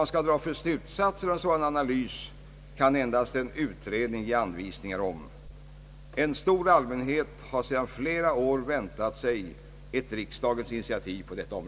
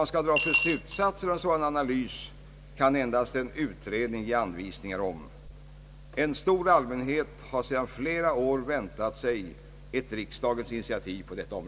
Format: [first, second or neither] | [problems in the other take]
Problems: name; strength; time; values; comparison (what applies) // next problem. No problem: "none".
first | background sound (Coin (dropping) / Glass); as loud as the speech